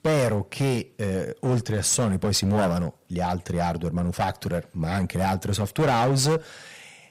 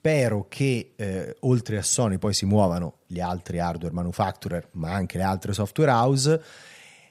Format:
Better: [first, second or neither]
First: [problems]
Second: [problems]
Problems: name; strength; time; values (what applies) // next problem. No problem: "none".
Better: second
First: distortion; heavy; 11% of the sound clipped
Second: none